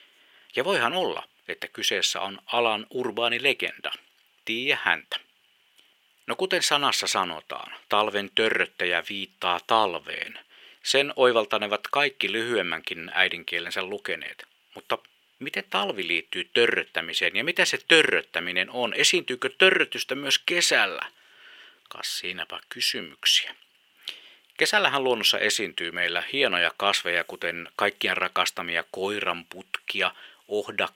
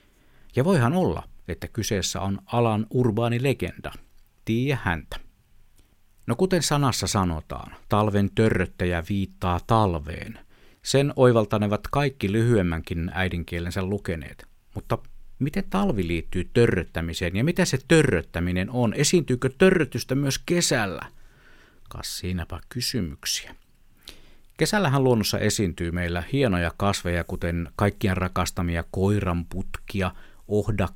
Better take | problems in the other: second | thin; very; fading below 450 Hz

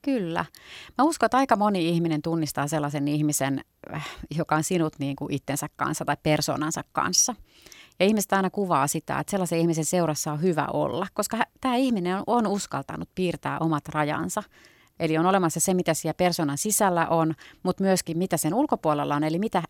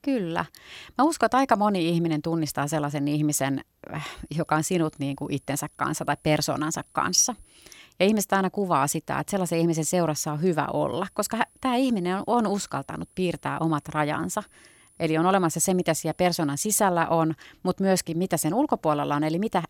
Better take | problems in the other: first | high-pitched whine; faint; from 4 to 8 s and from 11 to 17 s; 10 kHz, 30 dB below the speech

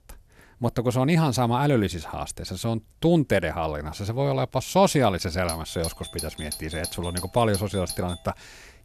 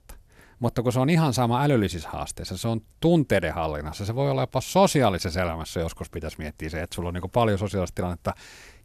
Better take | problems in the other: second | doorbell; noticeable; from 5.5 to 8 s; peak 8 dB below the speech

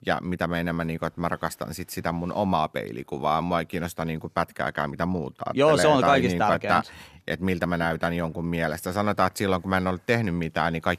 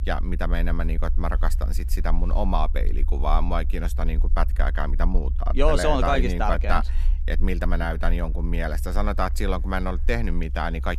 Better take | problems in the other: first | low rumble; faint; throughout; 20 dB below the speech

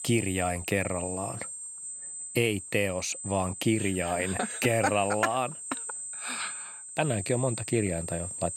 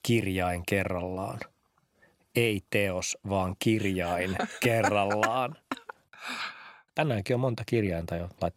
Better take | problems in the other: second | high-pitched whine; loud; throughout; 8.5 kHz, 7 dB below the speech

